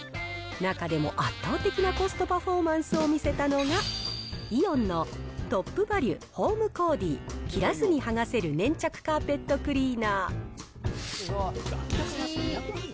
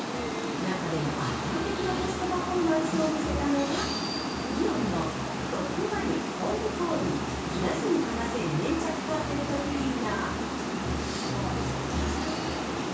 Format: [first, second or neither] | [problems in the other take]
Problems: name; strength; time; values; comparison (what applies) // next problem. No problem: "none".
first | background sound (Water); 1 dB below the speech // room echo; dies away in 0.6 s